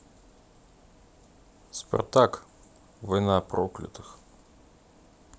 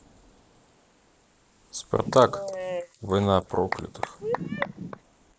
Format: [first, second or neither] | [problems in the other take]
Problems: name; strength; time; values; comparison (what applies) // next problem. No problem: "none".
first | noise reduction (neural mask model Resemble Enhance denoiser)